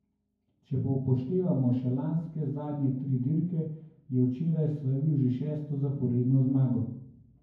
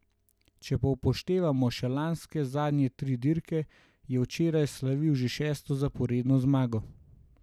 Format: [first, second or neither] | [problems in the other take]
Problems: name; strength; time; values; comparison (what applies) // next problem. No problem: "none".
second | room echo; dies away in 0.9 s